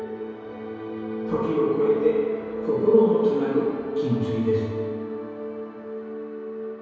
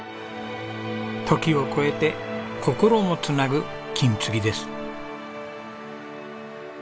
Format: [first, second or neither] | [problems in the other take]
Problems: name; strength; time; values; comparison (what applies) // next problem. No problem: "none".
second | room echo; dies away in 2.2 s